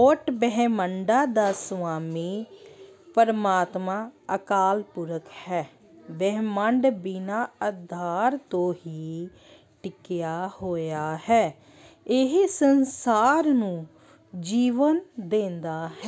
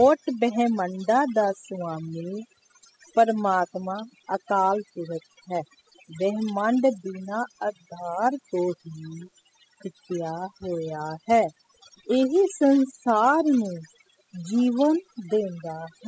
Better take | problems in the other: first | noise reduction (classical method spectral subtraction)

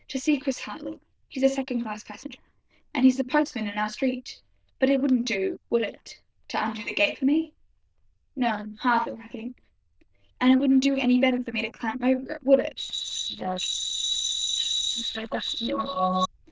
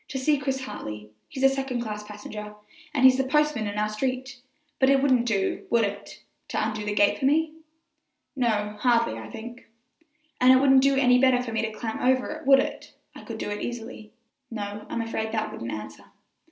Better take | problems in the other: second | noise reduction (neural diffusion model UNIVERSE++)

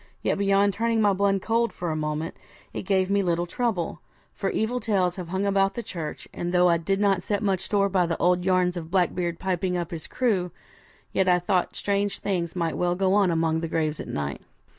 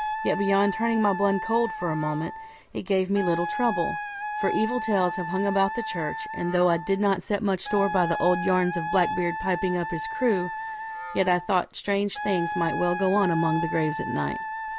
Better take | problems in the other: first | background sound (Wind instrument, woodwind instrument); 6 dB below the speech

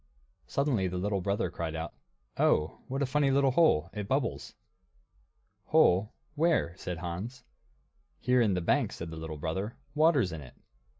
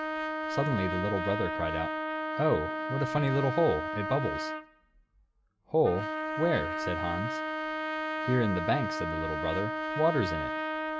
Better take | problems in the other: first | background sound (Trumpet); 2 dB below the speech

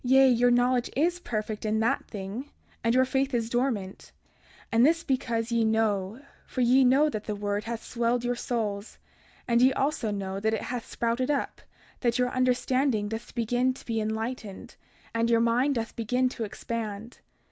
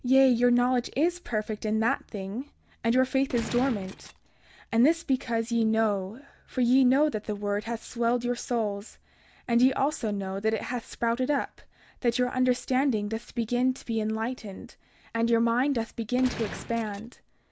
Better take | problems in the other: first | background sound (Gunshot, gunfire); 13 dB below the speech

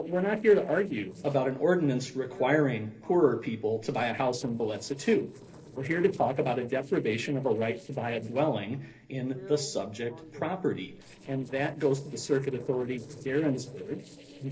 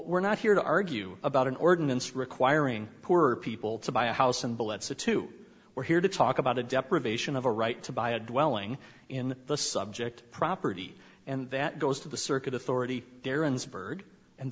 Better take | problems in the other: second | noise reduction (neural separator model SepFormer DNS4)

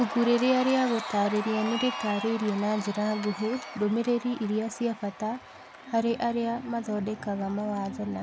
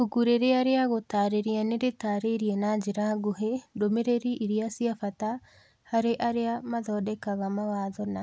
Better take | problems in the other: second | background sound (Cheering); 11 dB below the speech

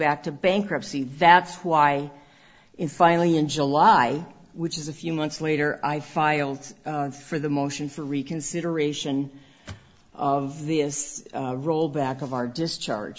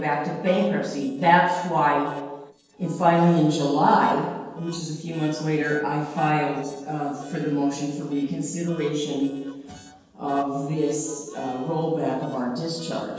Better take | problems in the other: first | noise reduction (neural separator model SepFormer DNS4)

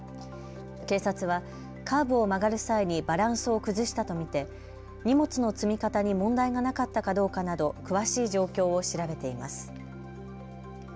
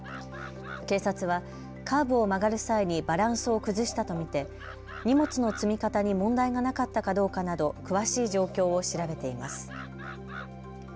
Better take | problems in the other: first | background sound (Animal); 20 dB below the speech

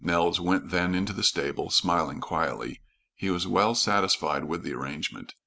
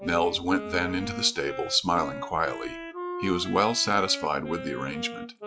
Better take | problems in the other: first | noise reduction (classical method log-MMSE)

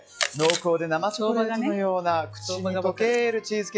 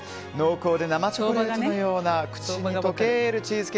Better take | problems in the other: second | noise reduction (classical method log-MMSE)

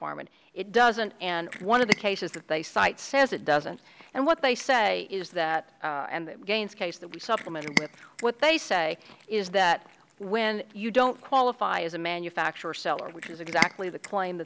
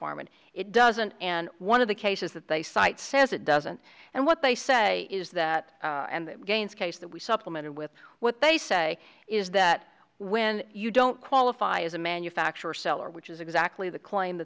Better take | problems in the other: second | background sound (Cat); 12 dB below the speech

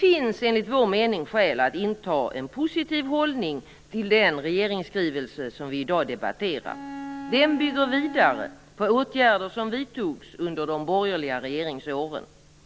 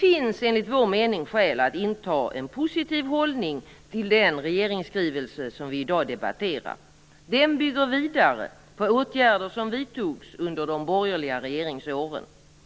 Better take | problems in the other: second | background sound (Bowed string instrument); 11 dB below the speech

